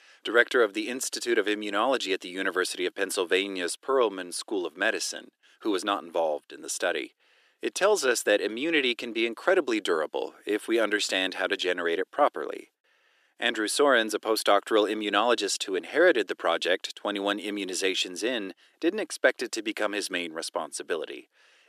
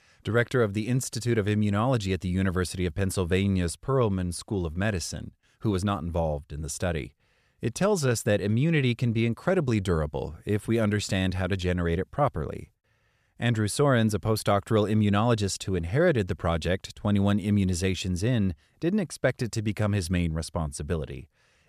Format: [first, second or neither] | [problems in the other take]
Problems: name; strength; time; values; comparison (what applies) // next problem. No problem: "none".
second | thin; very; fading below 300 Hz